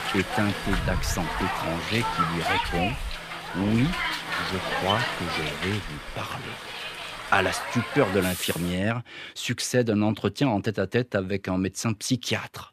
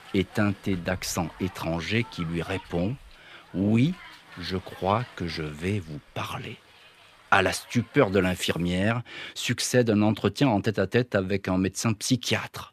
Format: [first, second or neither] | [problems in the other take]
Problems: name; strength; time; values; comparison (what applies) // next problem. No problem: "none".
second | hiss; loud; until 8.5 s; 2 dB below the speech; faint in the second